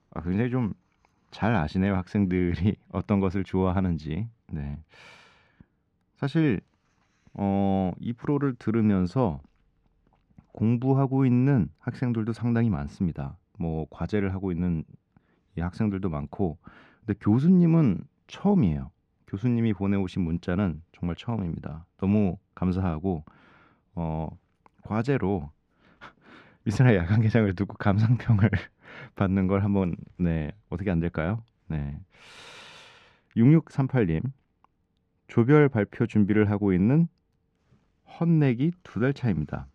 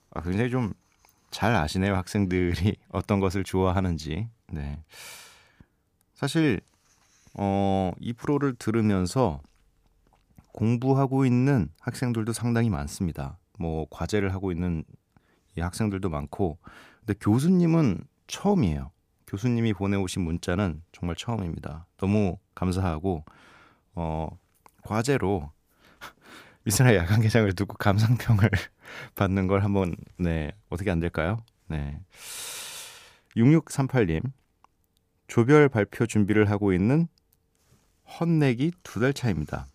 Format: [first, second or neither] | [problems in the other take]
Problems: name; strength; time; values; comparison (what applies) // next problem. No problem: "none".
second | muffled; slightly; fading above 3 kHz